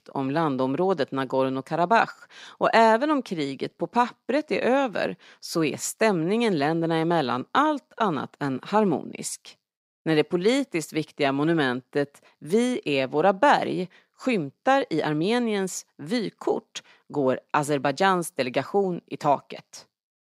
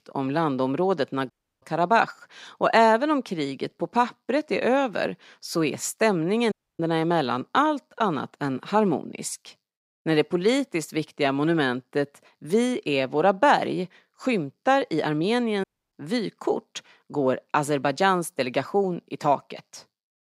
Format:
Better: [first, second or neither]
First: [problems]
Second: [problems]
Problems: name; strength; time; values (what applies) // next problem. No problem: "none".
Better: first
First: none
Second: audio cutting out; at 1.5 s, at 6.5 s and at 16 s